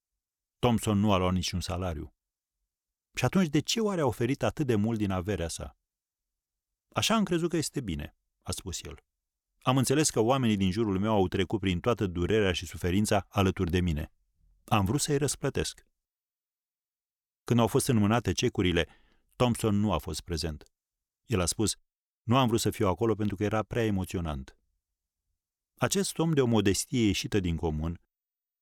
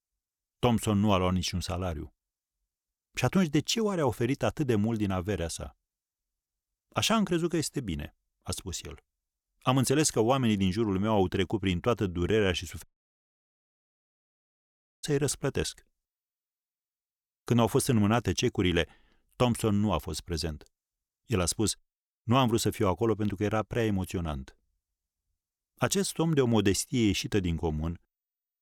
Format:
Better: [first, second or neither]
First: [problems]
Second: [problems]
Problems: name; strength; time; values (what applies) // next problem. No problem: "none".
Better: first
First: none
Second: audio cutting out; at 13 s for 2 s